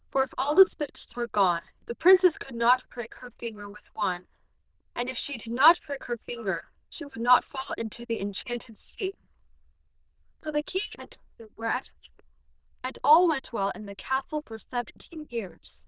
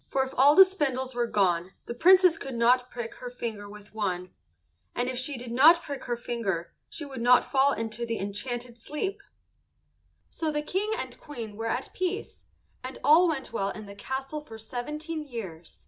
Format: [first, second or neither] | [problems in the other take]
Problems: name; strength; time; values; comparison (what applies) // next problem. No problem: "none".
second | noise reduction (neural diffusion model UNIVERSE++)